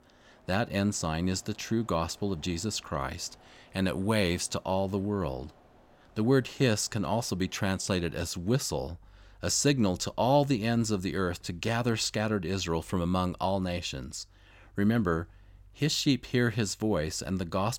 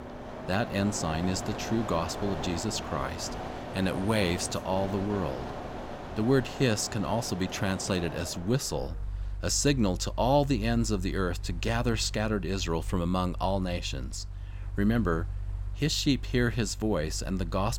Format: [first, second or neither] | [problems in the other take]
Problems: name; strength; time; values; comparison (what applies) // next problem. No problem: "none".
first | machinery noise; loud; throughout; 9 dB below the speech; faint in the first